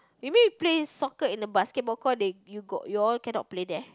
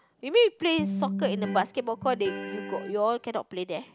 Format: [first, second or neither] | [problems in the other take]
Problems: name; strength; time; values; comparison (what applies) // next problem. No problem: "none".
first | background sound (Electric guitar); 6 dB below the speech